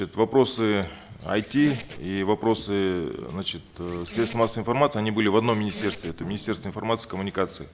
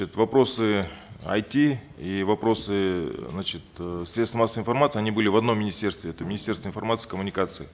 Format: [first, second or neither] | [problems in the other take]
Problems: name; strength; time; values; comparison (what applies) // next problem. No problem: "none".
second | background sound (Squeak); 16 dB below the speech